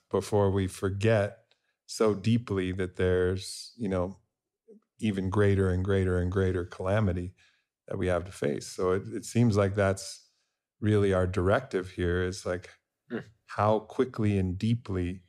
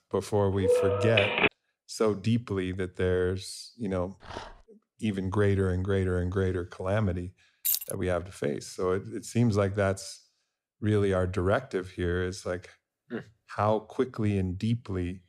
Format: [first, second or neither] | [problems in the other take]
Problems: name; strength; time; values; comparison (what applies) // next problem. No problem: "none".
first | phone ringing; loud; at 0.5 s; peak 5 dB above the speech // dog barking; faint; at 4 s; peak 15 dB below the speech // jangling keys; loud; at 7.5 s; peak 2 dB above the speech